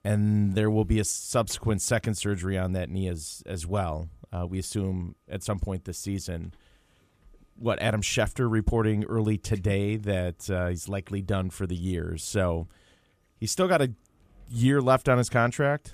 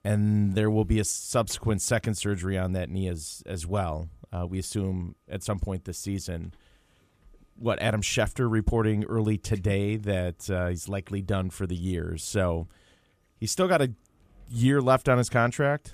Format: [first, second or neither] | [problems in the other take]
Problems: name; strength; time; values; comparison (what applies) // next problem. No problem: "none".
neither | none